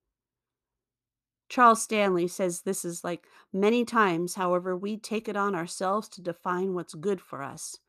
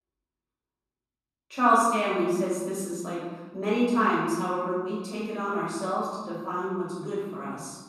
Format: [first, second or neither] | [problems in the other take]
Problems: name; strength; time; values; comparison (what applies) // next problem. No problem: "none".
first | room echo; noticeable; dies away in 1.1 s // off-mic speech; far